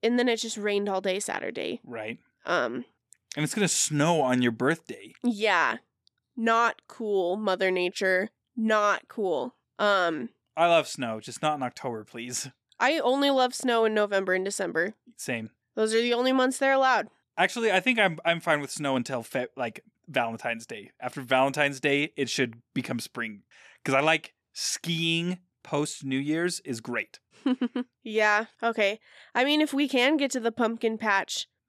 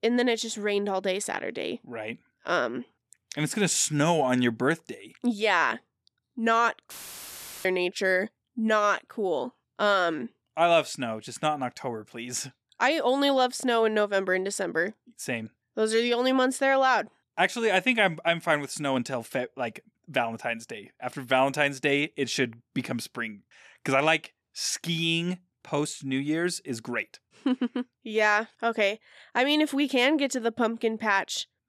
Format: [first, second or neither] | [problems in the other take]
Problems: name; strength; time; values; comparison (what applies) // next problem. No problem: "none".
first | audio cutting out; filled with static; at 7 s for 1 s